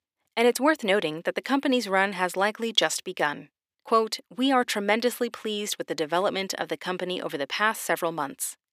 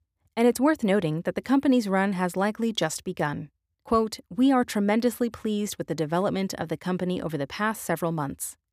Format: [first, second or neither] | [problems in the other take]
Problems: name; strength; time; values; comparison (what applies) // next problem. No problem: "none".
second | thin; somewhat; fading below 350 Hz